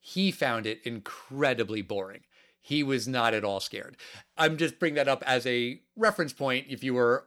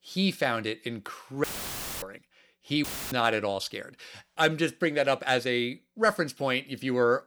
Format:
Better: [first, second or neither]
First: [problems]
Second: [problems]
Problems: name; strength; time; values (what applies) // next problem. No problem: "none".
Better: first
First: none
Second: audio cutting out; filled with static; at 1.5 s for 0.5 s and at 3 s